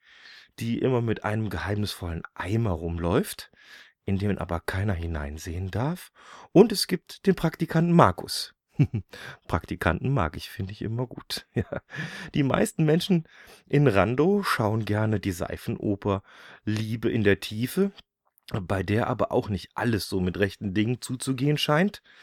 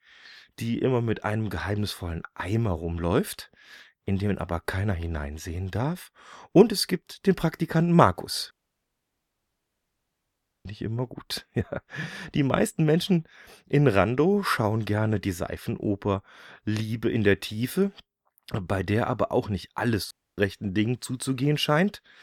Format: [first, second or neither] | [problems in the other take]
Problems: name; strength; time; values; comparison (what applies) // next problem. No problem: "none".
first | audio cutting out; at 8.5 s for 2 s and at 20 s